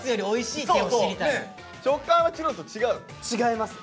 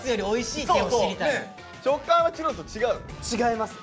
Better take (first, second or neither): first